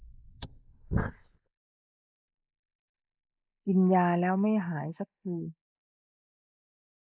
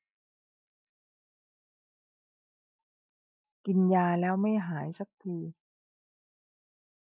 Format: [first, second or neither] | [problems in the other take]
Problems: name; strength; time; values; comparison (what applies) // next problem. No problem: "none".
second | noise reduction (neural mask model Resemble Enhance denoiser)